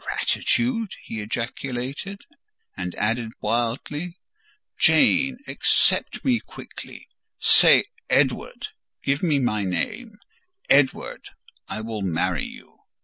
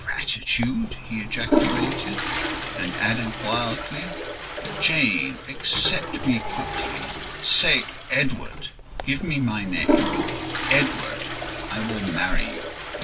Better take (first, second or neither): first